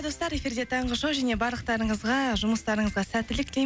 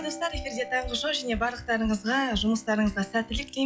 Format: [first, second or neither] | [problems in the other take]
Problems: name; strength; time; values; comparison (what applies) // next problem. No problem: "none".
first | noise reduction (classical method log-MMSE)